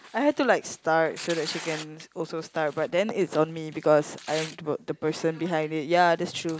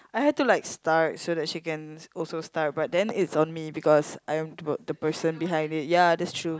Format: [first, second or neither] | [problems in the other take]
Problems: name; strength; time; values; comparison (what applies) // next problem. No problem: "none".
second | background sound (Tearing); 18 dB below the speech